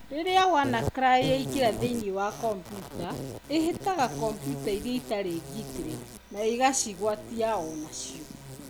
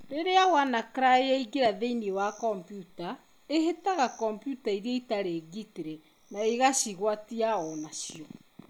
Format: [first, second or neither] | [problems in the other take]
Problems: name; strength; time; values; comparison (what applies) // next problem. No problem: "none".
second | background sound (Insect); 10 dB below the speech